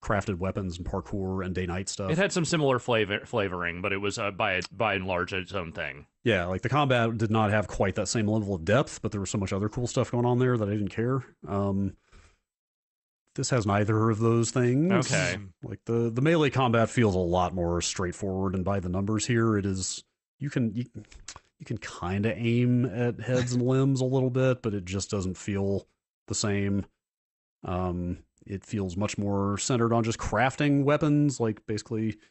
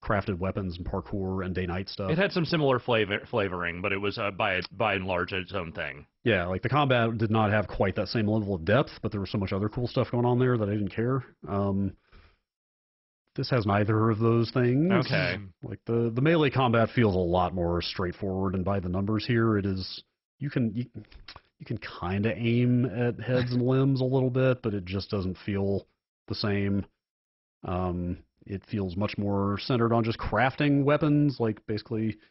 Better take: first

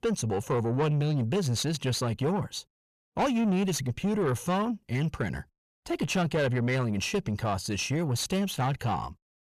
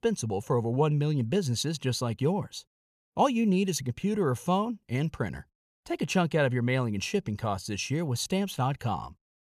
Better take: second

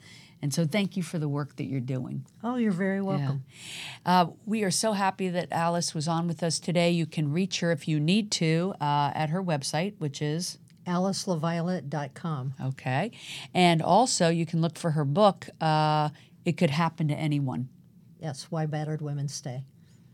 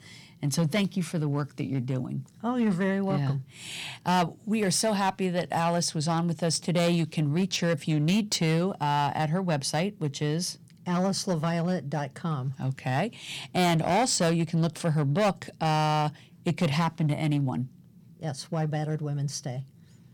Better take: first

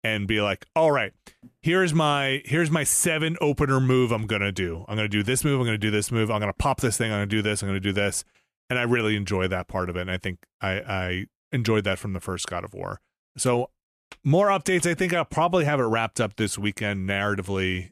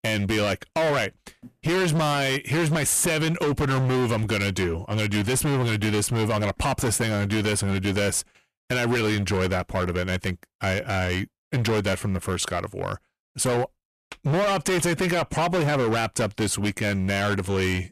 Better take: first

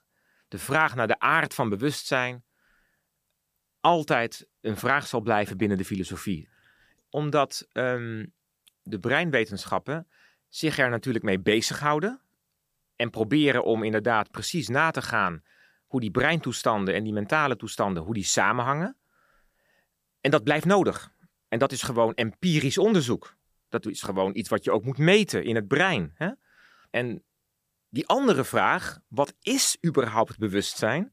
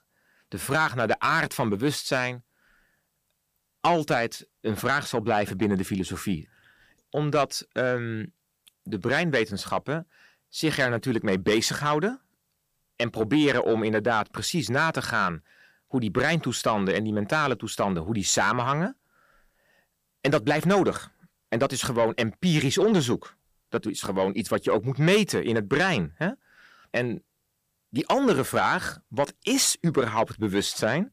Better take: first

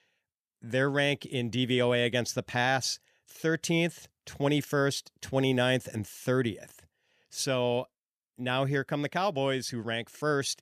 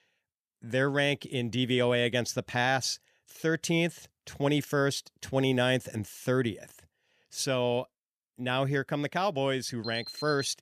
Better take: first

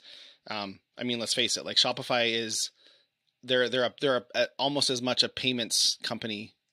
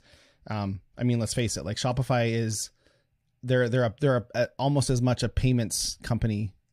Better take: second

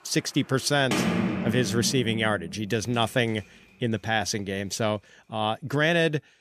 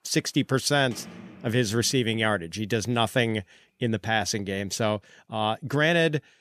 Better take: second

